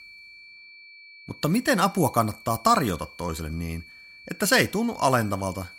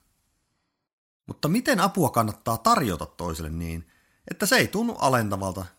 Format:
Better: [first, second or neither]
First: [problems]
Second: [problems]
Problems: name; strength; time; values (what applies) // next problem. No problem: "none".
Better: second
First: high-pitched whine; faint; throughout; 2.5 kHz, 20 dB below the speech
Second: none